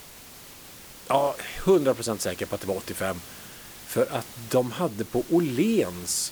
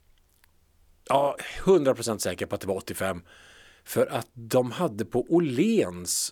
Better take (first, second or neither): second